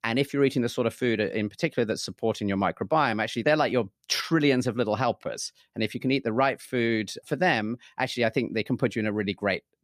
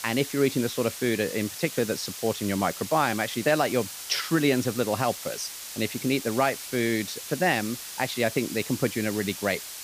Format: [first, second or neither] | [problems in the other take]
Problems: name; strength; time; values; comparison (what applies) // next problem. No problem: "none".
first | hiss; loud; throughout; 9 dB below the speech